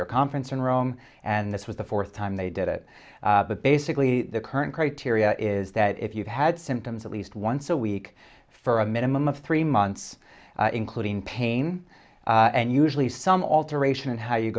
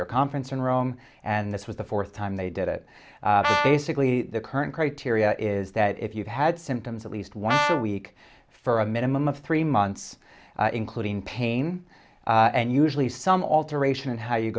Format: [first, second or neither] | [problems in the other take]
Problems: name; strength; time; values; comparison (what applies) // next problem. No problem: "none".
first | background sound (Brass instrument); 2 dB below the speech